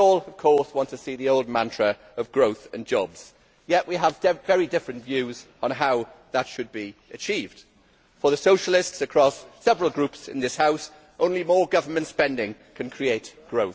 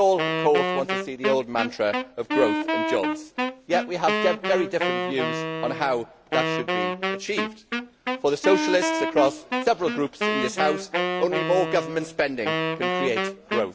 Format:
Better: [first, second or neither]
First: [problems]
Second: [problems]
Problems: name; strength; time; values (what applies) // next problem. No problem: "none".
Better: first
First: none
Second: background sound (Wind instrument, woodwind instrument); 2 dB below the speech